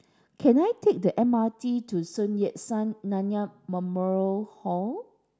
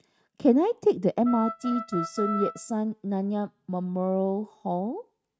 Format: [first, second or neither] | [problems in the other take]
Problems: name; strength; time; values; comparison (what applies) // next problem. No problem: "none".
first | noise reduction (neural mask model RNNoise)